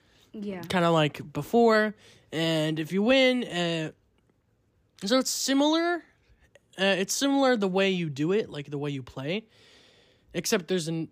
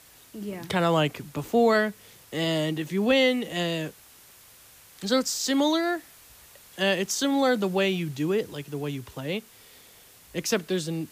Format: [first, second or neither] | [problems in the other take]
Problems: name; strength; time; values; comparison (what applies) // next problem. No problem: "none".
first | hiss; faint; throughout; 25 dB below the speech